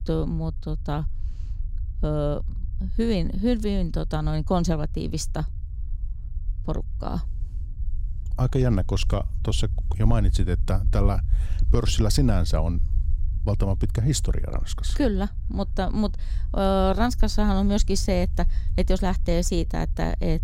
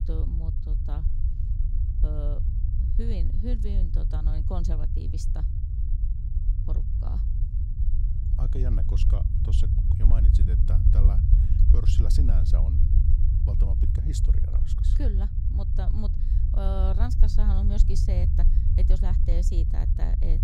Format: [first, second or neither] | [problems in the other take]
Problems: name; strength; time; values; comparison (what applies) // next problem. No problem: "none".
first | low rumble; loud; throughout; 1 dB below the speech; faint in the first